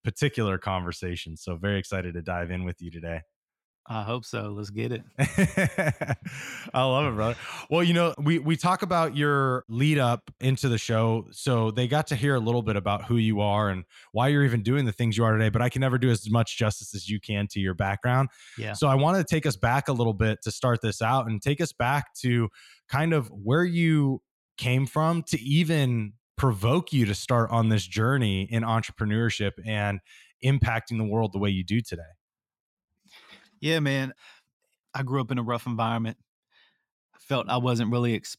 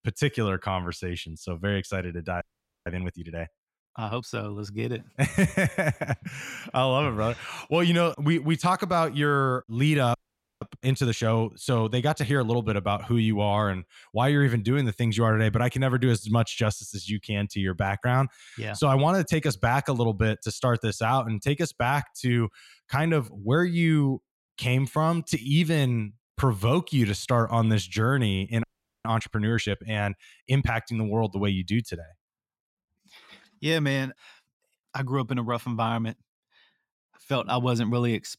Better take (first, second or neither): first